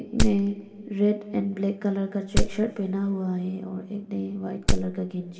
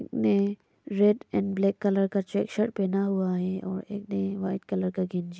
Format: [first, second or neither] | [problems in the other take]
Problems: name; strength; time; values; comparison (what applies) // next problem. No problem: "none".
second | background sound (Wood); 3 dB above the speech // room echo; dies away in 2.3 s